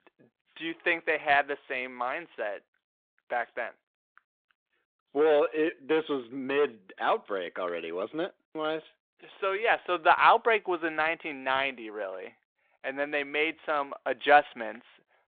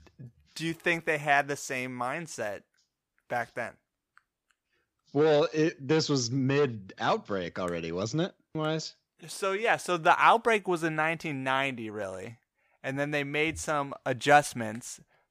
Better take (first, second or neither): second